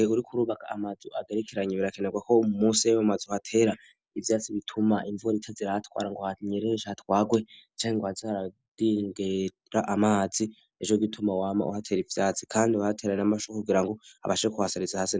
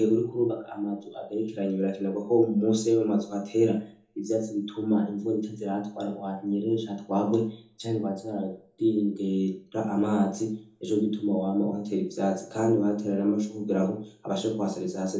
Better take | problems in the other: first | room echo; dies away in 0.9 s

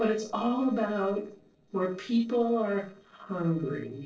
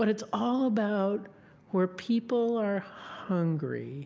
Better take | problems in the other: second | noise reduction (neural separator model SepFormer DNS4)

